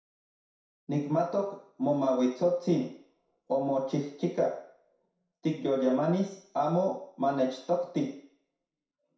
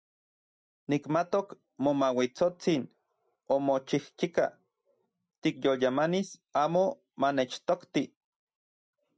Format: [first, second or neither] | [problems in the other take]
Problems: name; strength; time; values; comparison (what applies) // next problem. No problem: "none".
second | room echo; dies away in 0.6 s